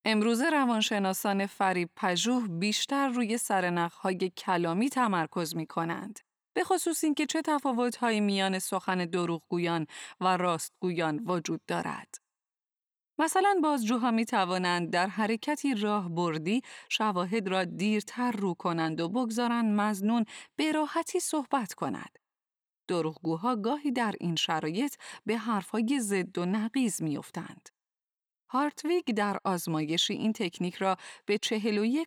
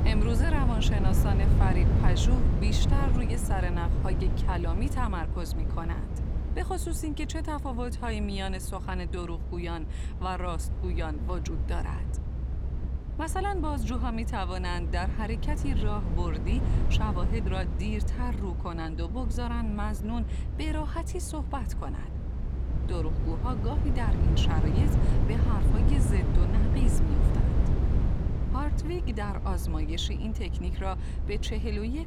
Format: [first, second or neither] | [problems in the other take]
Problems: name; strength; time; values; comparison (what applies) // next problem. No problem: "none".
first | low rumble; loud; throughout; 5 dB below the speech